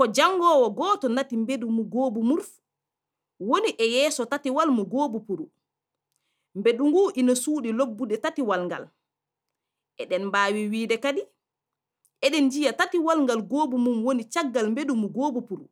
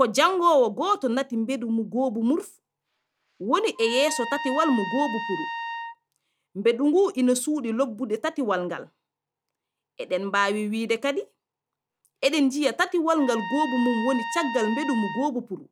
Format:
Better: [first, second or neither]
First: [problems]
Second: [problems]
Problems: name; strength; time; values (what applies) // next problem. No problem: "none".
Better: first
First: none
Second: background sound (Trumpet); 9 dB below the speech